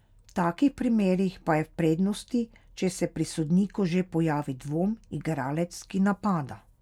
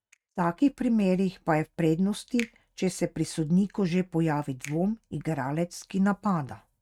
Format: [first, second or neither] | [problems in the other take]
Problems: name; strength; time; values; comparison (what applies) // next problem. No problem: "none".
first | noise reduction (neural mask model RNNoise)